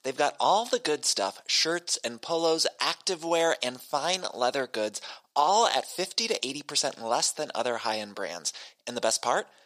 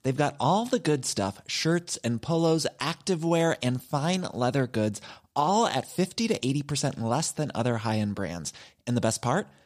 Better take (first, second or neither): second